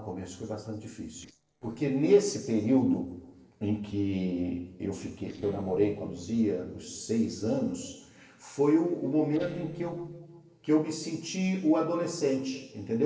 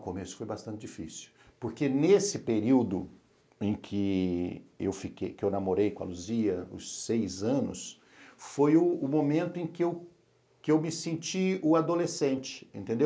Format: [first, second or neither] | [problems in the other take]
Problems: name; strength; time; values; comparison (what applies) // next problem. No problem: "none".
second | noise reduction (neural separator model SepFormer DNS4)